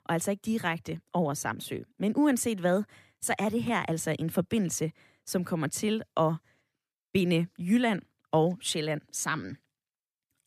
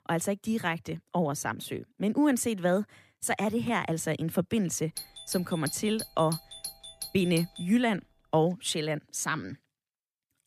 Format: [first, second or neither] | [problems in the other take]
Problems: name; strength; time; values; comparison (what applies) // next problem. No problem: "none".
first | doorbell; noticeable; from 5 to 7.5 s; peak 8 dB below the speech